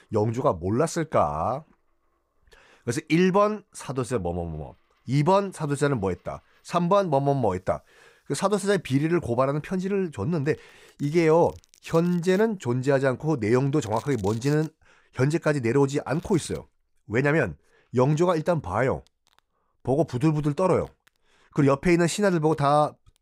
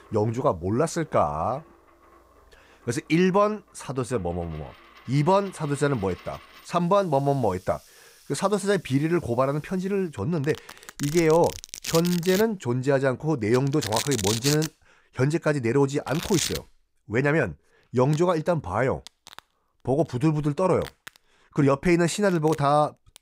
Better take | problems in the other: first | household noises; loud; throughout; 9 dB below the speech; faint in the first

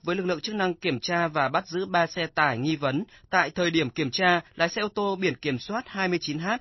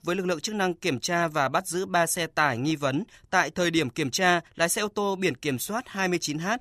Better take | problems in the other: second | garbled, watery; slightly; nothing above 5.5 kHz

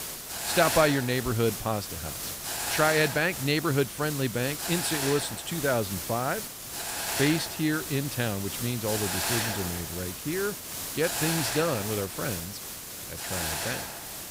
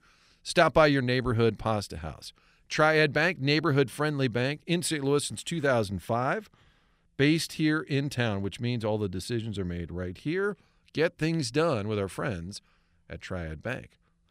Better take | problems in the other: second | hiss; loud; throughout; 3 dB below the speech

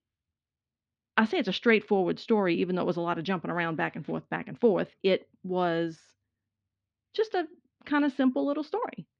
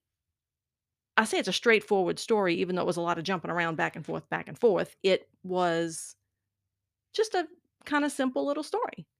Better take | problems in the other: second | muffled; very slightly; fading above 4 kHz

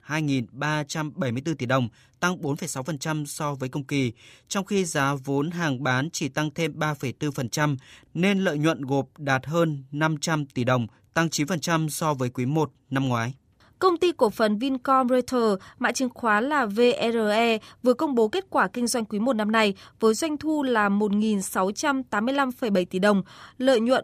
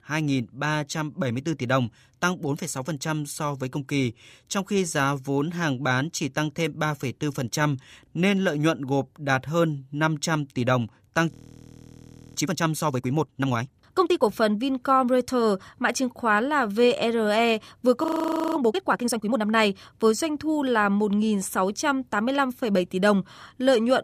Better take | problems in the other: first | audio freezing; at 11 s for 1 s and at 18 s for 0.5 s

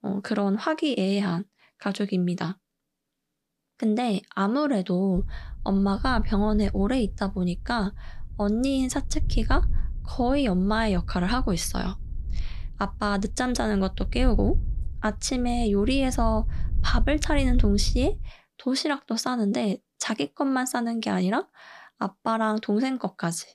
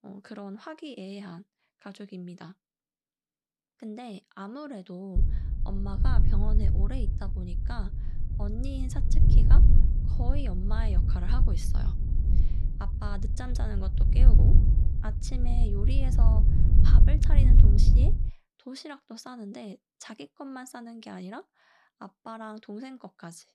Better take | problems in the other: first | low rumble; loud; from 5 to 18 s; 1 dB below the speech; faint in the first

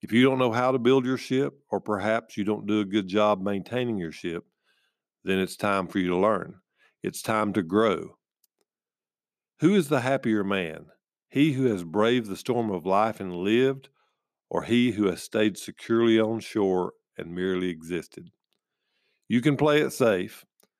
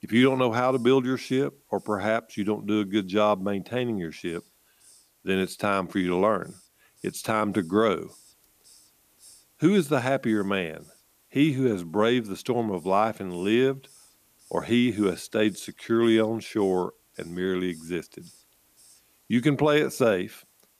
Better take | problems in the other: first | hiss; faint; throughout; 30 dB below the speech

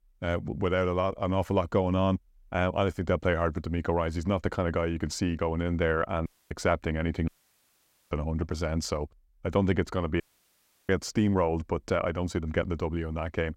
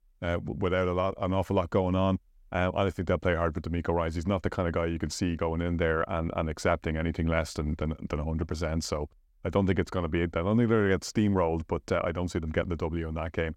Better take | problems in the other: second | audio cutting out; at 6.5 s, at 7.5 s for 1 s and at 10 s for 0.5 s

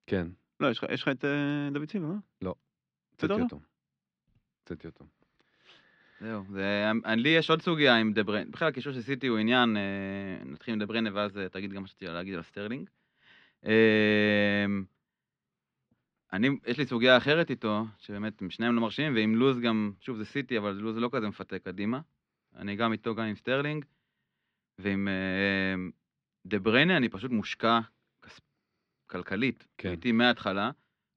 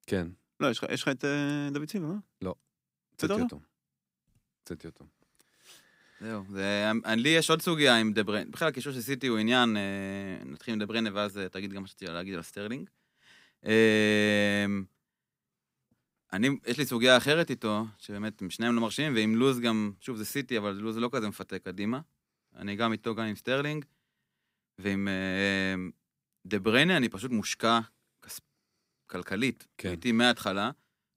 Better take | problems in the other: second | muffled; slightly; fading above 4 kHz

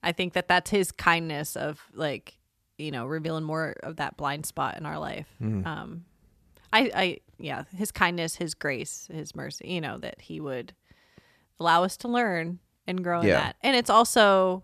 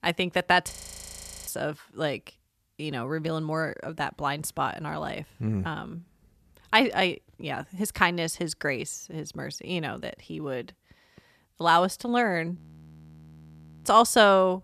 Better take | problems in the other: first | audio freezing; at 0.5 s for 1 s and at 13 s for 1.5 s

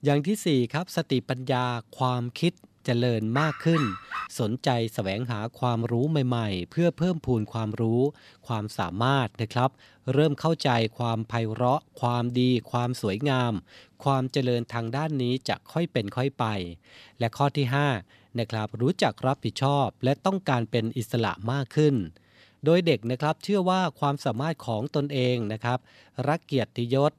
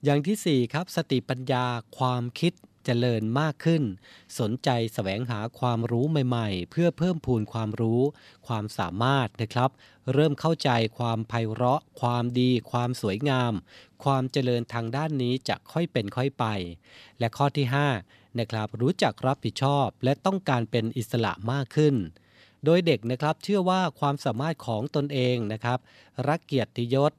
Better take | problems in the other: second | dog barking; noticeable; at 3.5 s; peak 5 dB below the speech

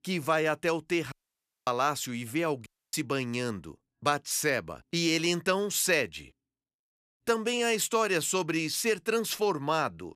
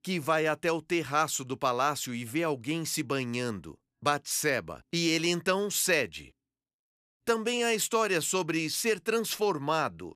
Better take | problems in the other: second | audio cutting out; at 1 s for 0.5 s and at 2.5 s

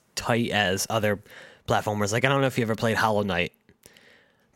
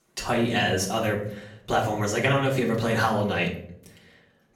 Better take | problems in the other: first | off-mic speech; far // room echo; slight; dies away in 0.5 s

